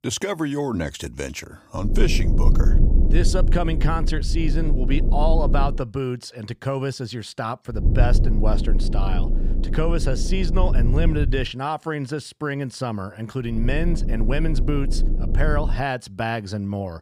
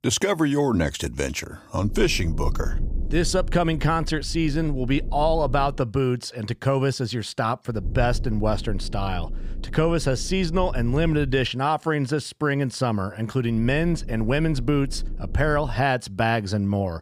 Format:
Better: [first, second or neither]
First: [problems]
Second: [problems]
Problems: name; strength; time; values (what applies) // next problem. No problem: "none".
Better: second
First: low rumble; loud; from 2 to 5.5 s, from 8 to 11 s and from 14 to 16 s; 9 dB below the speech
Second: low rumble; faint; from 2 to 5.5 s, from 8 to 11 s and from 14 to 16 s; 20 dB below the speech